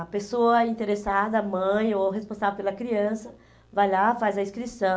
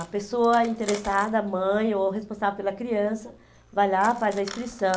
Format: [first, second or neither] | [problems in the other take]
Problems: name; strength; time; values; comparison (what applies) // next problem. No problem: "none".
first | background sound (Coin (dropping)); 19 dB below the speech